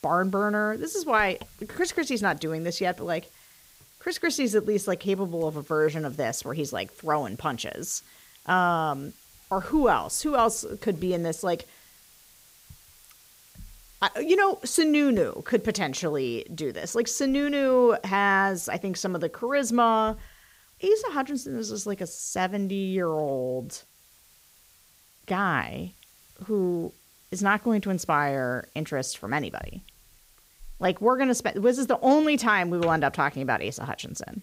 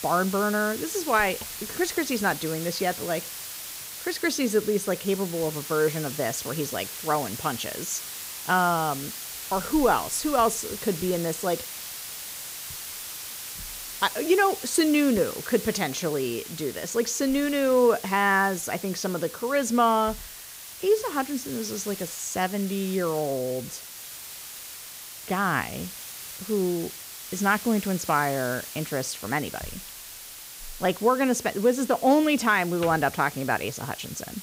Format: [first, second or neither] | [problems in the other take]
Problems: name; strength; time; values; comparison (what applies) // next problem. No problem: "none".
first | hiss; loud; throughout; 10 dB below the speech; faint in the first